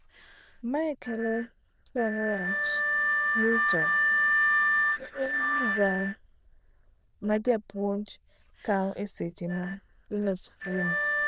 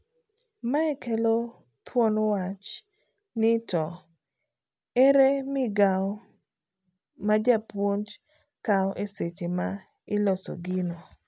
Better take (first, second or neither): second